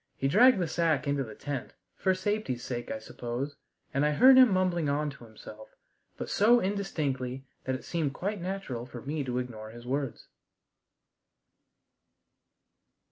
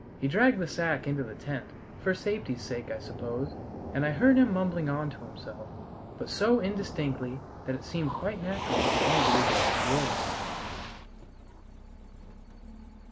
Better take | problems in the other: first | background sound (Motor vehicle (road)); 3 dB below the speech

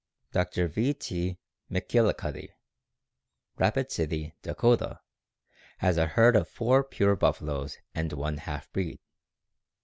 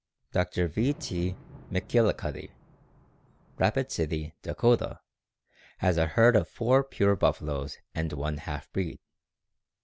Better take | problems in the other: first | background sound (Fireworks); 20 dB below the speech

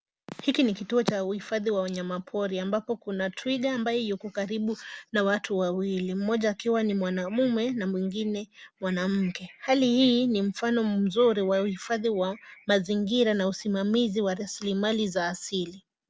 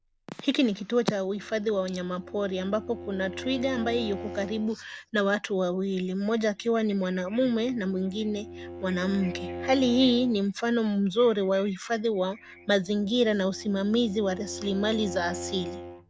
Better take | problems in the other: first | background sound (Bowed string instrument); 14 dB below the speech

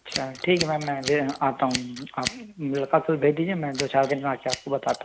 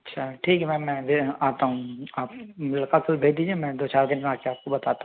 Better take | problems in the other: second | background sound (Scissors); 11 dB below the speech

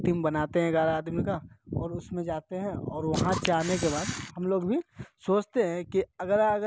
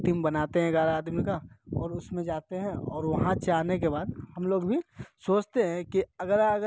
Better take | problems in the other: second | background sound (Camera); 8 dB below the speech

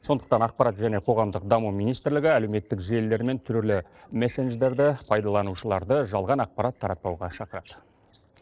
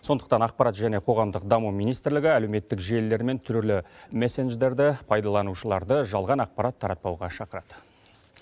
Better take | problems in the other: second | noise reduction (neural separator model SepFormer DNS4)

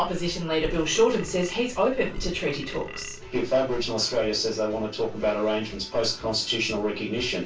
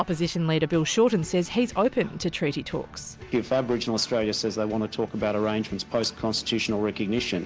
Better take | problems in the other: second | background sound (Burping, eructation); 12 dB below the speech // room echo; dies away in 0.2 s

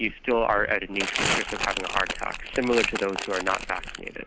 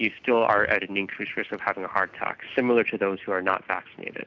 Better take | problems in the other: second | background sound (Crumpling, crinkling); 4 dB below the speech

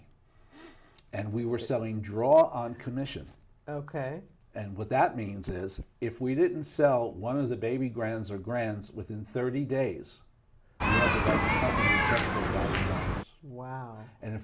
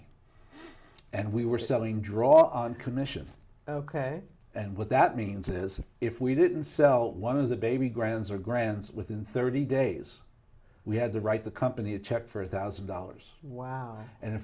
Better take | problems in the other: second | background sound (Human group actions); 4 dB above the speech

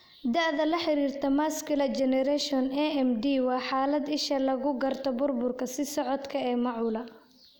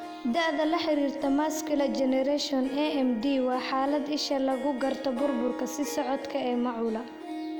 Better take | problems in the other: first | background sound (Harp); 10 dB below the speech

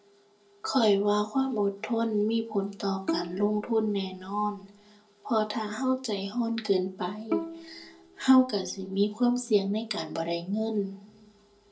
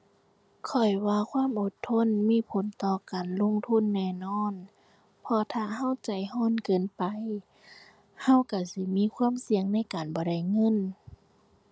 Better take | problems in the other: second | background sound (Bowed string instrument); 10 dB below the speech // room echo; dies away in 0.2 s

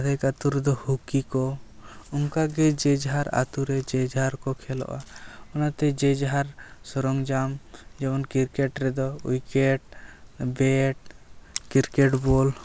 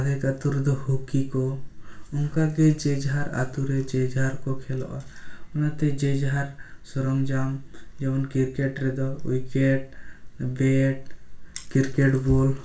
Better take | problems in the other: first | room echo; dies away in 0.4 s

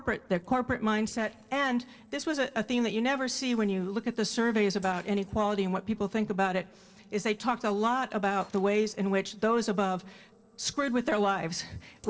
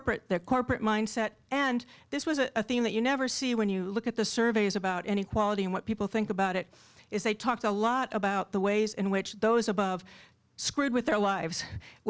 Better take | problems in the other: second | noise reduction (neural separator model SepFormer DNS4)

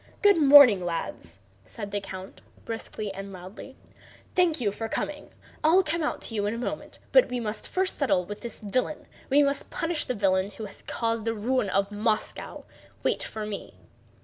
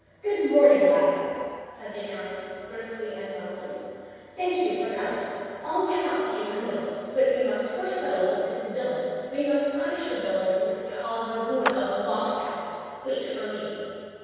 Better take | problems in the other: first | background sound (Clapping); 8 dB below the speech // room echo; dies away in 2.2 s

